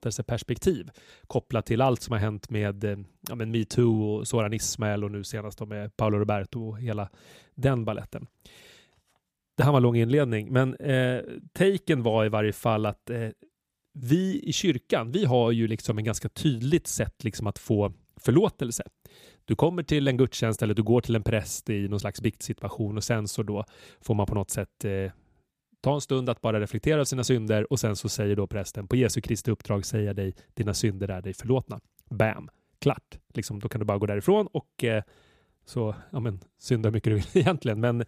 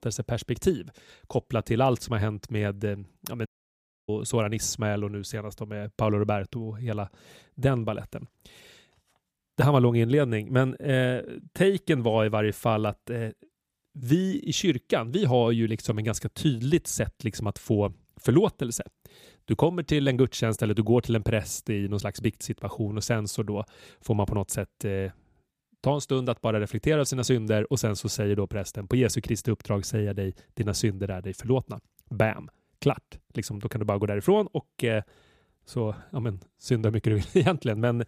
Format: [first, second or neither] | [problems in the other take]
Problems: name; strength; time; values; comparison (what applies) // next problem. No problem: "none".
first | audio cutting out; at 3.5 s for 0.5 s